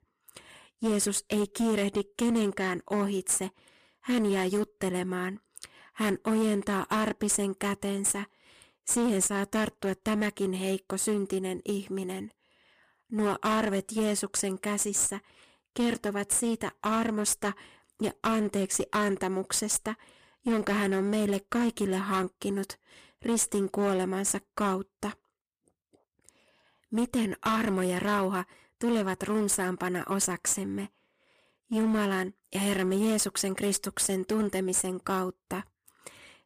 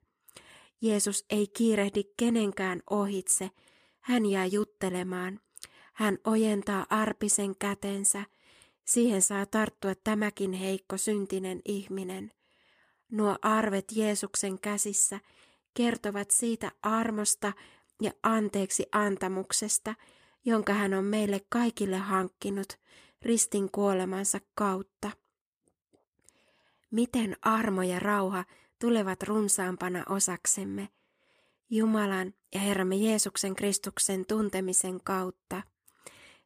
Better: second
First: distortion; slight; 8% of the sound clipped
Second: none

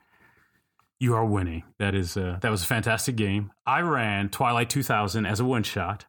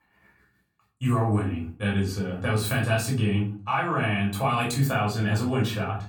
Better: first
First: none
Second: off-mic speech; far // room echo; slight; dies away in 0.4 s

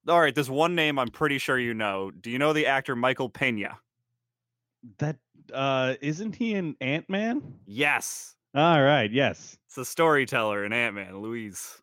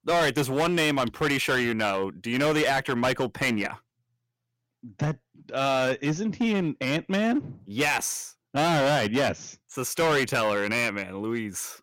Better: first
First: none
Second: distortion; heavy; 12% of the sound clipped

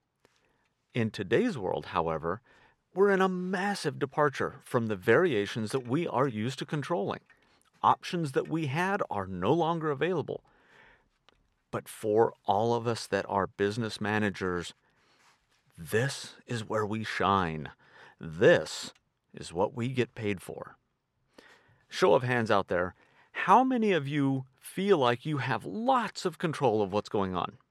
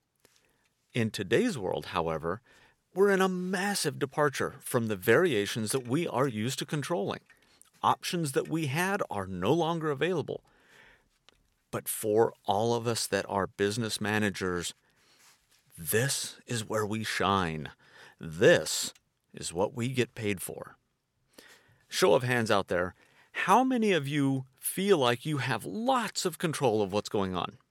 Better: second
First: muffled; very slightly; fading above 3 kHz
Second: none

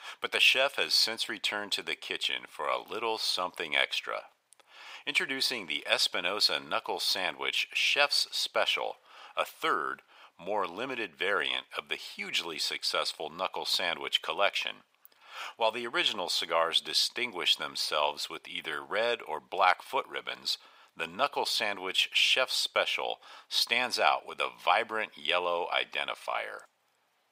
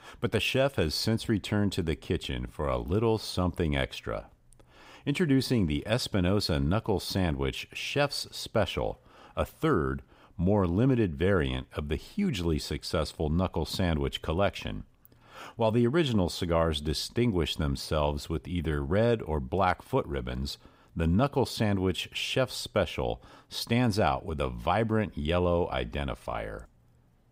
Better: second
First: thin; very; fading below 850 Hz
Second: none

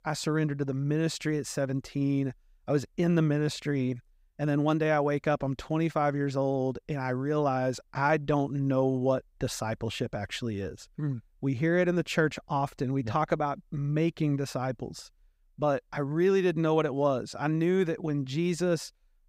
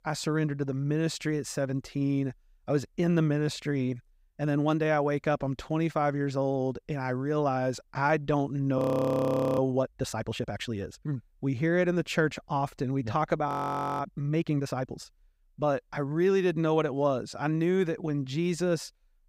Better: first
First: none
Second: audio freezing; at 9 s for 1 s and at 13 s for 0.5 s

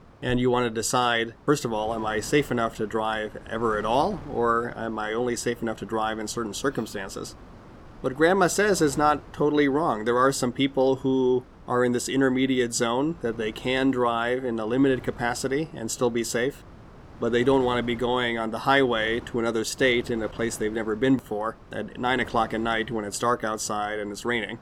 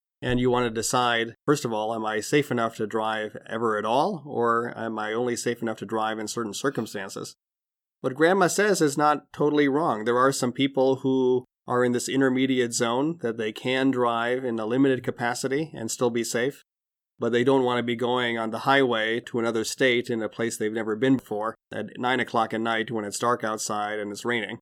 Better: second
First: wind noise on the microphone; occasional gusts; 25 dB below the speech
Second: none

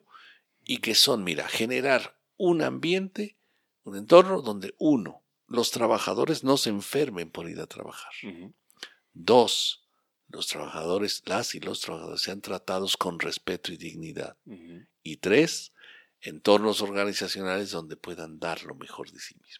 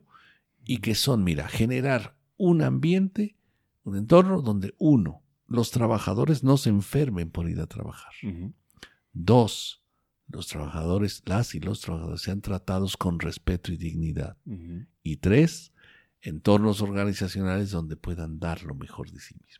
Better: second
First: thin; somewhat; fading below 400 Hz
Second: none

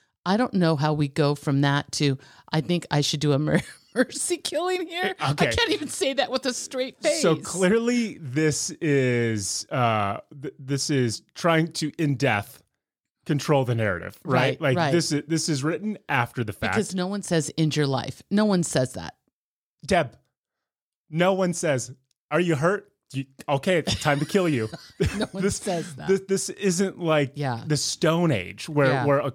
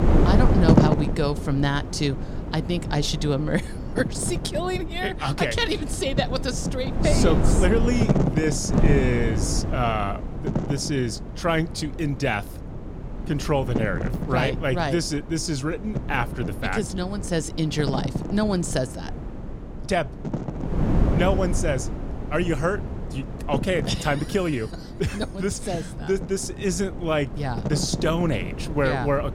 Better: first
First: none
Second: wind noise on the microphone; heavy; 6 dB below the speech

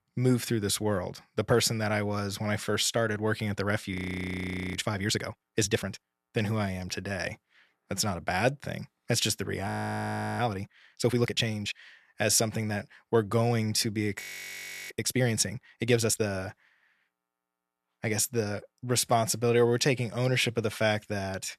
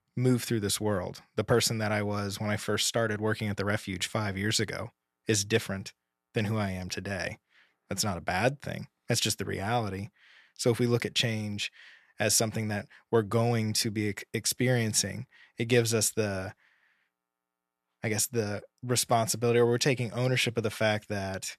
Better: second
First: audio freezing; at 4 s for 1 s, at 9.5 s for 0.5 s and at 14 s for 0.5 s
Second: none

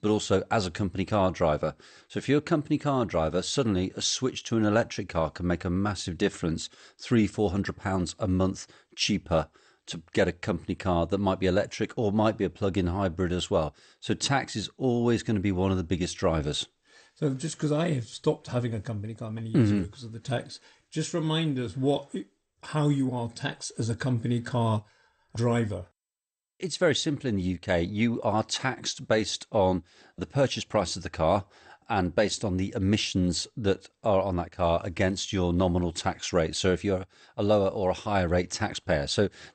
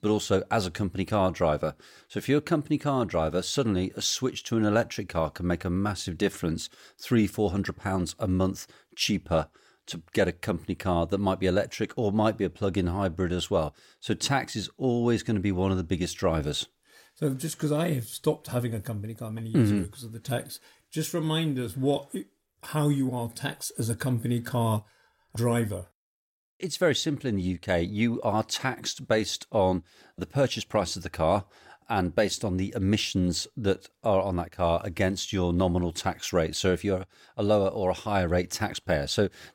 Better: second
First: garbled, watery; slightly; nothing above 8.5 kHz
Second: none

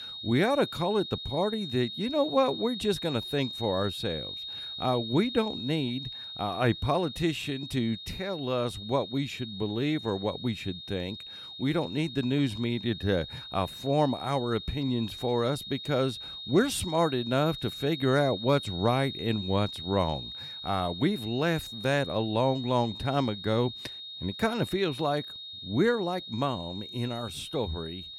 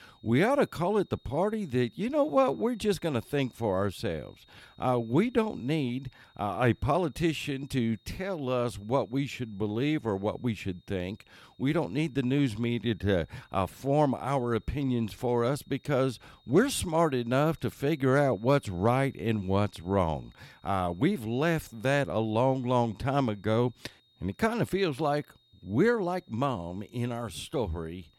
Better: second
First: high-pitched whine; loud; throughout; 3.5 kHz, 9 dB below the speech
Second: high-pitched whine; faint; throughout; 3.5 kHz, 35 dB below the speech

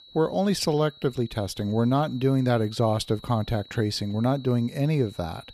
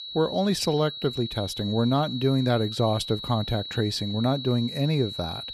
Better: first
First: high-pitched whine; faint; throughout; 4 kHz, 20 dB below the speech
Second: high-pitched whine; loud; throughout; 4 kHz, 8 dB below the speech

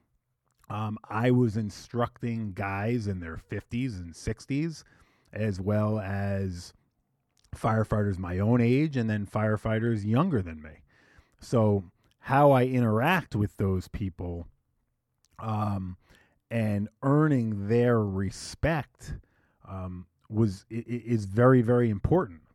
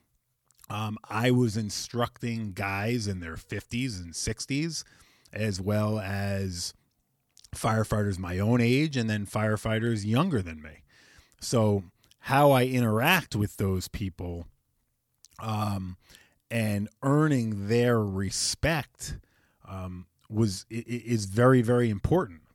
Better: second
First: muffled; slightly; fading above 2.5 kHz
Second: none

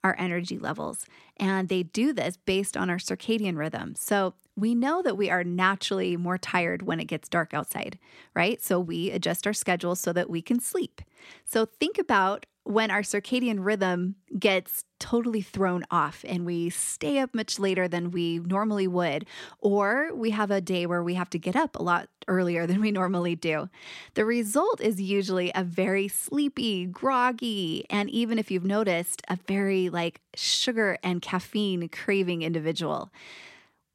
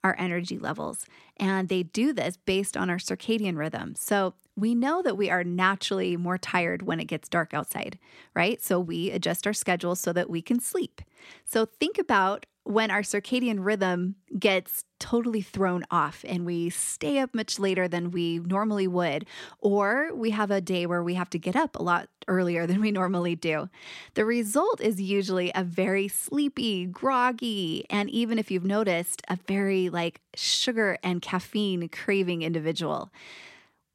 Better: neither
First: none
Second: none

